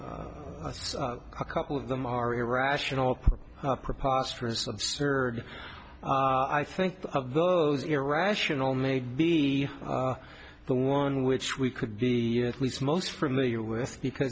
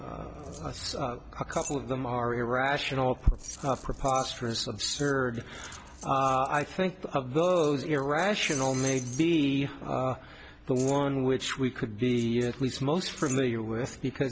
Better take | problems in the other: first | background sound (Keys jangling); 18 dB below the speech

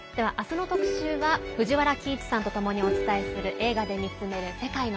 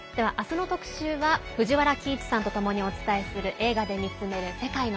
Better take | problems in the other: second | background sound (Plucked string instrument); 5 dB below the speech

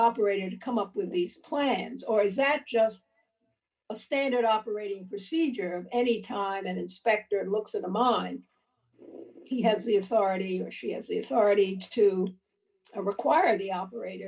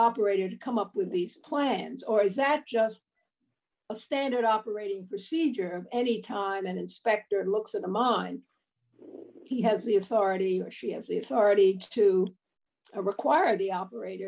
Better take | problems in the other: second | room echo; dies away in 0.2 s

